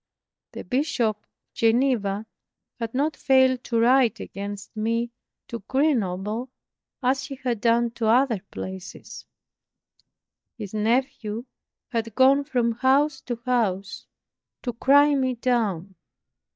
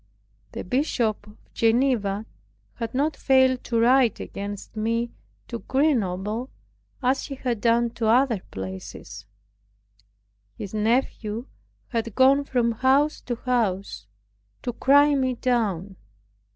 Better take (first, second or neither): second